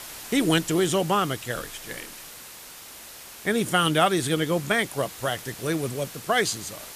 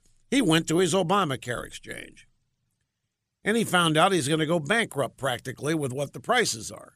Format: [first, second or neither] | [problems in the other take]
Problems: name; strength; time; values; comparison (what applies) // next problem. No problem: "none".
second | hiss; noticeable; throughout; 15 dB below the speech